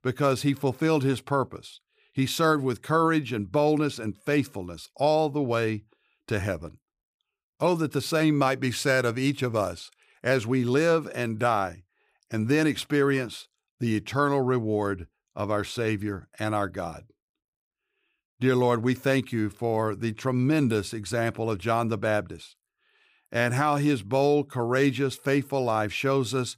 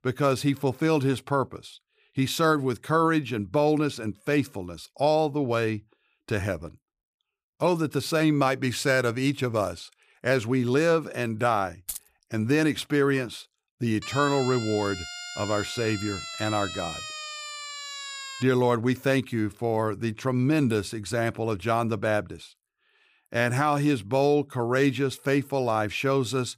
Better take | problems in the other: first | jangling keys; faint; at 12 s; peak 10 dB below the speech // siren; noticeable; from 14 to 18 s; peak 8 dB below the speech

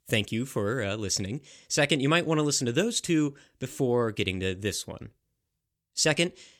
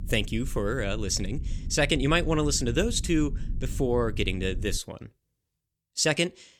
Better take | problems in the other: first | low rumble; faint; until 5 s; 25 dB below the speech

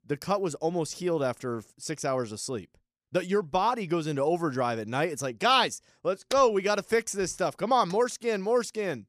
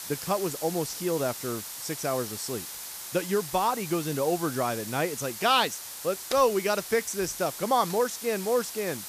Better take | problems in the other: first | hiss; loud; throughout; 8 dB below the speech

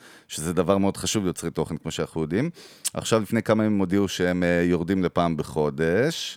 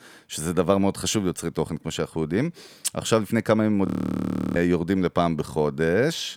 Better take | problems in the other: first | audio freezing; at 4 s for 0.5 s

